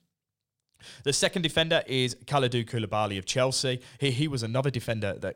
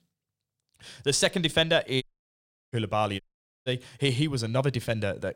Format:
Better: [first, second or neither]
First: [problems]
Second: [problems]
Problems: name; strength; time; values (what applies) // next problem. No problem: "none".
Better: first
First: none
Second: audio cutting out; at 2 s for 0.5 s and at 3 s